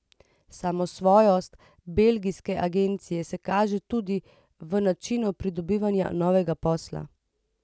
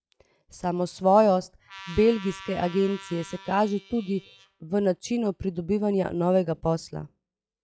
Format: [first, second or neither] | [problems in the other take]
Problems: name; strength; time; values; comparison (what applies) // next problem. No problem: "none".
first | noise reduction (classical method log-MMSE)